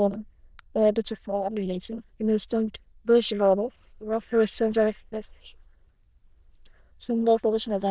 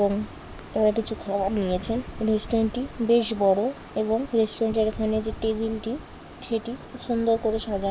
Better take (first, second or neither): second